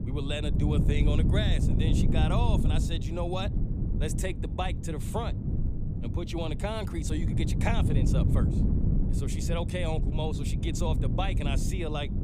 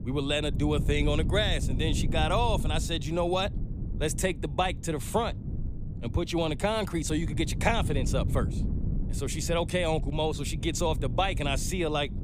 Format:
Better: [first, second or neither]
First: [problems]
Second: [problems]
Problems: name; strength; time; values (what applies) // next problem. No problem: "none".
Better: second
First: wind noise on the microphone; heavy; 5 dB below the speech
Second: wind noise on the microphone; occasional gusts; 15 dB below the speech